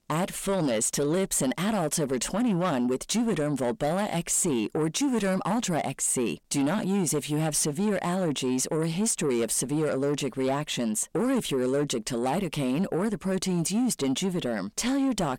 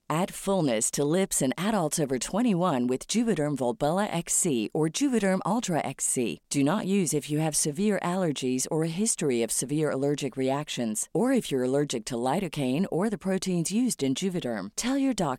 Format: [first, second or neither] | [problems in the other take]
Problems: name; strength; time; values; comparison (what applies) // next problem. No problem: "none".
second | distortion; slight; 10 dB below the speech